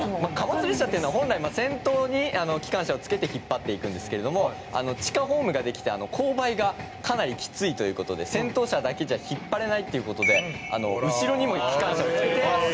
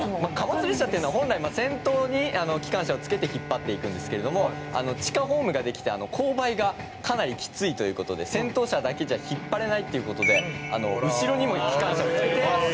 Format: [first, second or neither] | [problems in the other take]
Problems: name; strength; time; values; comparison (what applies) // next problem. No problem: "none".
first | background sound (Bowed string instrument); 15 dB below the speech